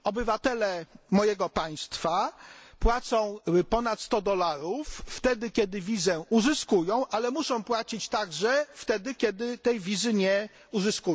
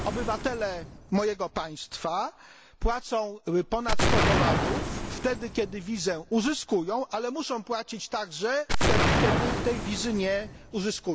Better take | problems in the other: first | background sound (Explosion); as loud as the speech

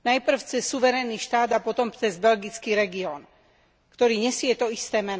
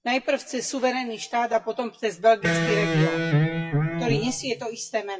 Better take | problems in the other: first | noise reduction (classical method WPE with log-MMSE)

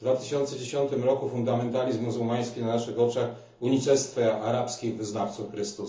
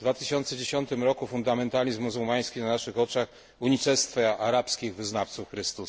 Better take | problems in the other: second | room echo; dies away in 0.8 s

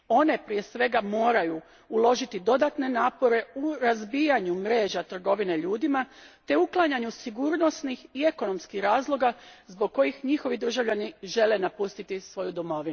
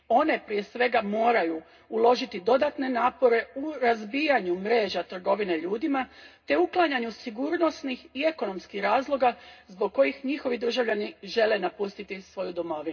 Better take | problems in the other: first | room echo; dies away in 0.2 s

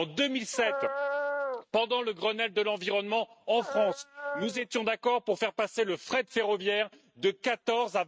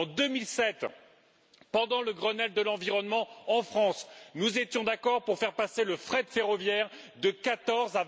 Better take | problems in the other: second | noise reduction (neural mask model RNNoise)

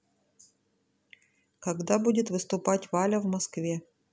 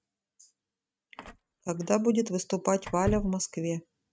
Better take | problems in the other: first | noise reduction (neural mask model RNNoise)

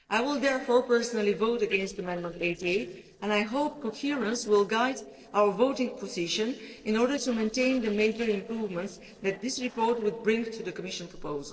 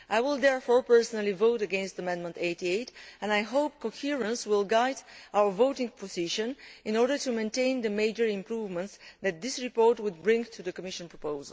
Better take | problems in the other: second | noise reduction (neural separator model SepFormer DNS4)

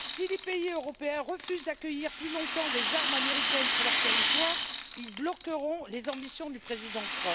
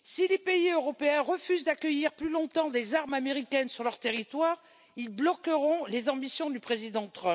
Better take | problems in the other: second | background sound (Rattle); 2 dB above the speech

